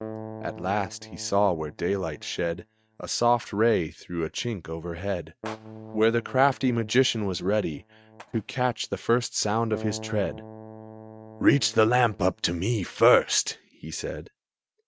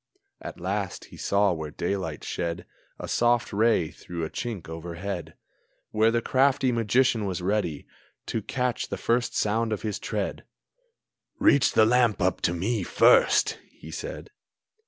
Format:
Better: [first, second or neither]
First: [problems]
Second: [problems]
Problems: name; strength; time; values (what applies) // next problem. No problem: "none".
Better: second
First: noise reduction (neural mask model RNNoise)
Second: none